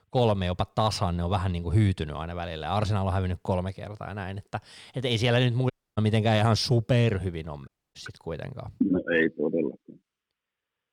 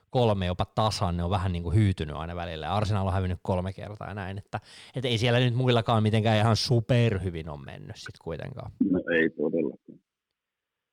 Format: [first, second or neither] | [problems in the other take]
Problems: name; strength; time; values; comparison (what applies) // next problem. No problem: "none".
second | audio cutting out; at 5.5 s and at 7.5 s